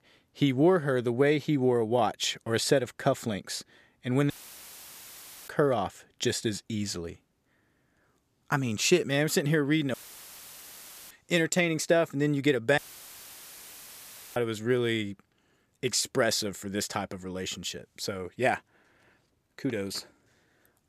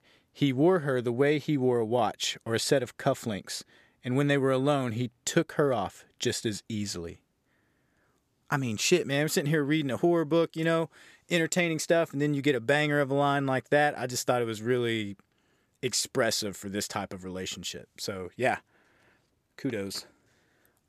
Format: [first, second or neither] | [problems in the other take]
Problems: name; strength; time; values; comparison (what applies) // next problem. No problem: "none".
second | audio cutting out; filled with static; at 4.5 s for 1 s, at 10 s for 1 s and at 13 s for 1.5 s